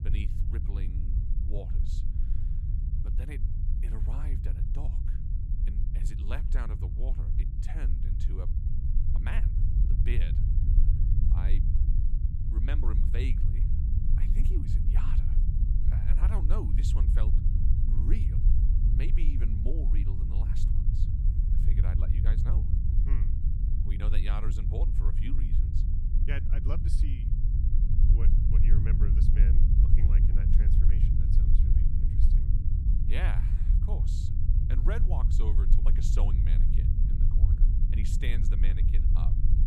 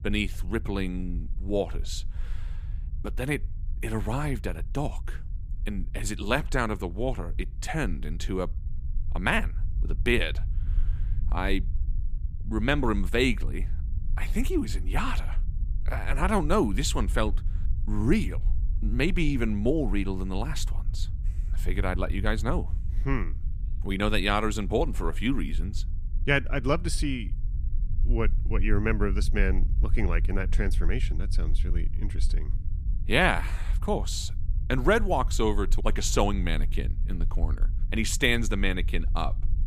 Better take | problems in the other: second | low rumble; loud; throughout; 1 dB below the speech; faint in the second

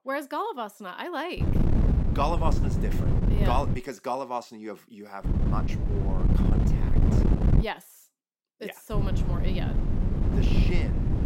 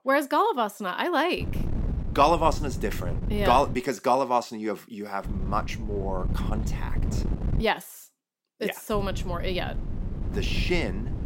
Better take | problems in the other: second | wind noise on the microphone; heavy; from 1.5 to 4 s, from 5 to 7.5 s and from 9 s on; 3 dB below the speech; occasional gusts in the second

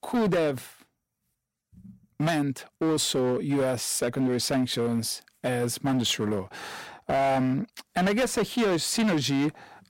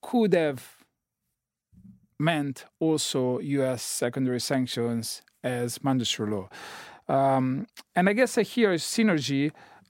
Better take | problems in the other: second | distortion; heavy; 13% of the sound clipped

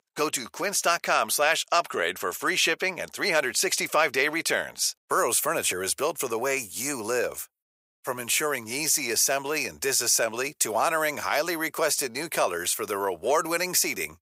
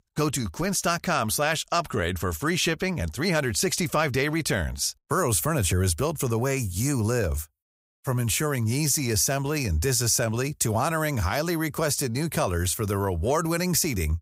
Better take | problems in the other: second | thin; very; fading below 500 Hz

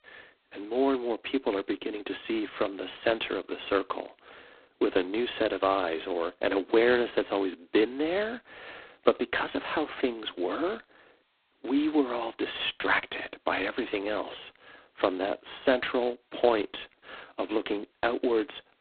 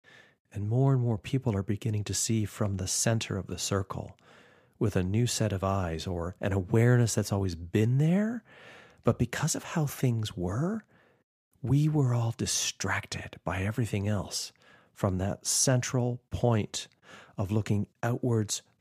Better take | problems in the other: second | phone-call audio; poor line; nothing above 4 kHz

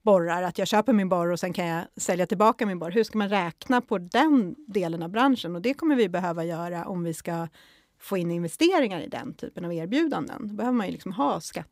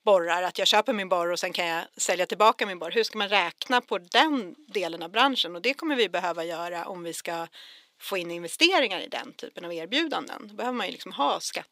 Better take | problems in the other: first | thin; somewhat; fading below 450 Hz

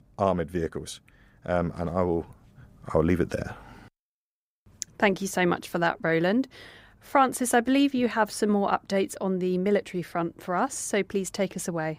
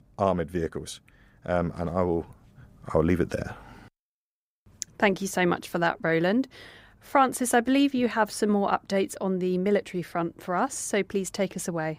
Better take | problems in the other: neither | none

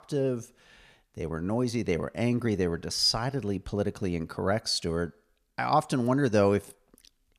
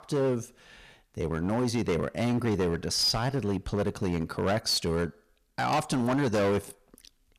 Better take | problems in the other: first | distortion; heavy; 13% of the sound clipped

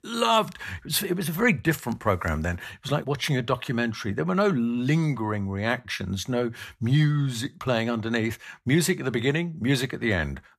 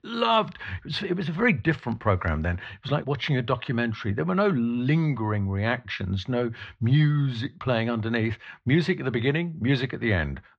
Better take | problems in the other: first | muffled; slightly; fading above 4 kHz

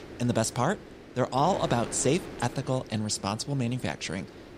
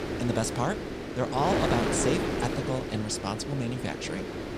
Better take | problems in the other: first | wind noise on the microphone; heavy; 1 dB below the speech; occasional gusts in the first

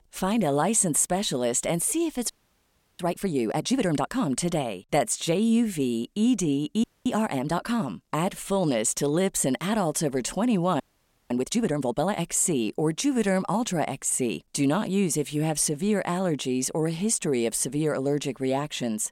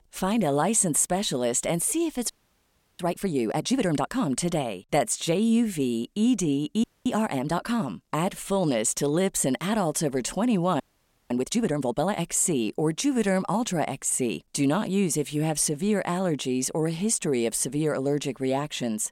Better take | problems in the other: neither | audio freezing; at 2.5 s for 0.5 s, at 7 s and at 11 s for 0.5 s; the same in both

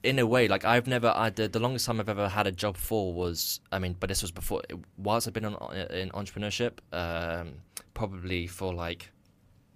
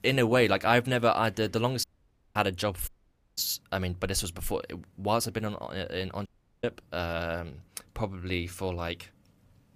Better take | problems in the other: first | audio cutting out; at 2 s for 0.5 s, at 3 s and at 6.5 s

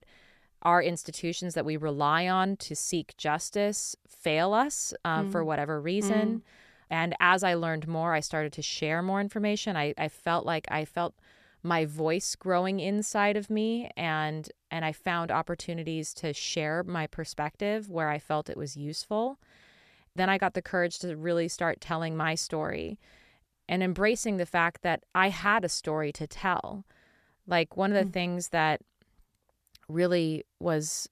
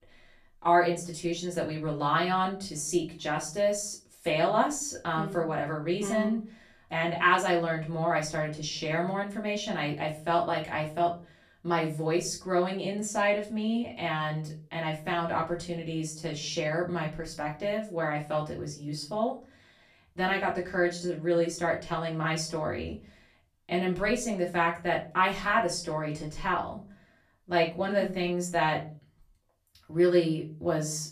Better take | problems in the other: first | off-mic speech; far // room echo; slight; dies away in 0.3 s

